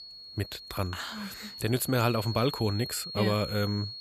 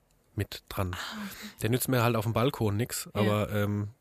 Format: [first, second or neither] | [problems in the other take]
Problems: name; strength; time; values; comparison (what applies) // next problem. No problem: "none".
second | high-pitched whine; loud; throughout; 4.5 kHz, 9 dB below the speech